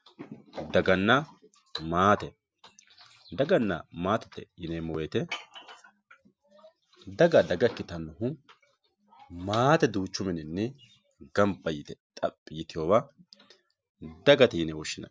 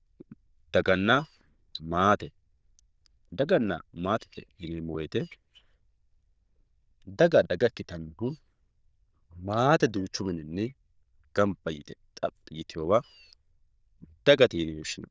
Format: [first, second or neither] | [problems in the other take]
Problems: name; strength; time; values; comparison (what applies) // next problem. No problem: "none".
first | noise reduction (neural diffusion model UNIVERSE++)